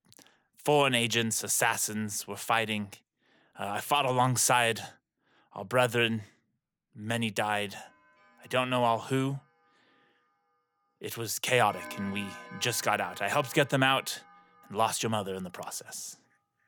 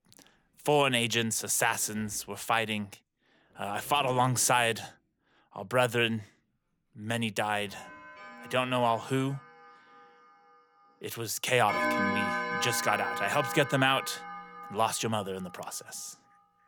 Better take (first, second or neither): first